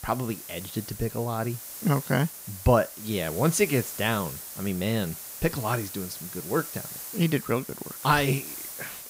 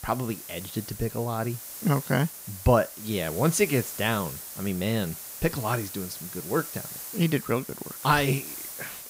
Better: neither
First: hiss; loud; throughout; 9 dB below the speech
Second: hiss; loud; throughout; 9 dB below the speech

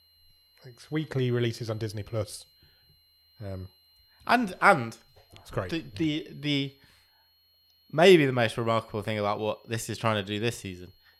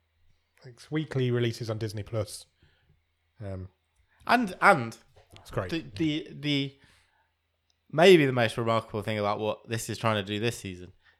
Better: second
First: high-pitched whine; faint; throughout; 4 kHz, 35 dB below the speech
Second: none

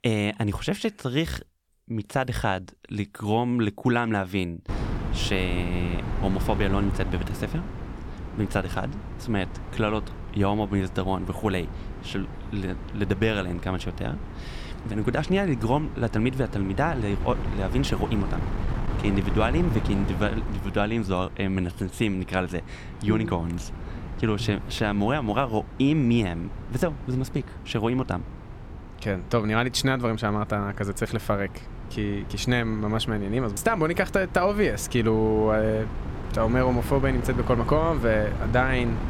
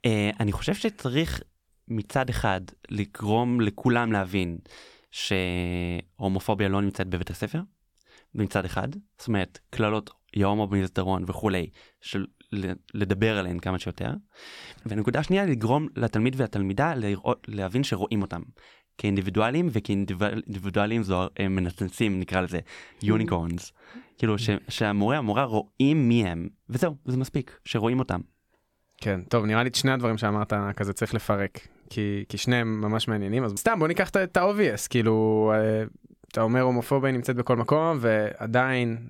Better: second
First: wind noise on the microphone; occasional gusts; from 4.5 s on; 15 dB below the speech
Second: none

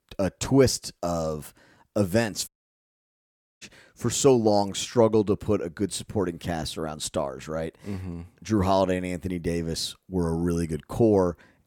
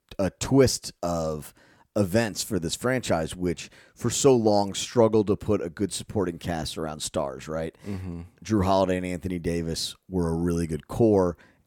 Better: second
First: audio cutting out; at 2.5 s for 1 s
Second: none

